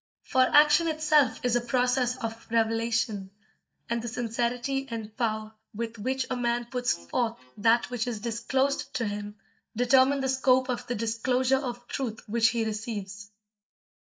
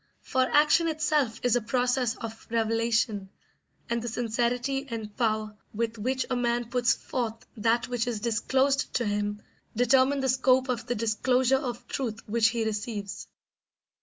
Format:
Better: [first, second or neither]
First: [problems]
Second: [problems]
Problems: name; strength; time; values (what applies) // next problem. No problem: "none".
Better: second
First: noise reduction (neural mask model DeepFilterNet 3)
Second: none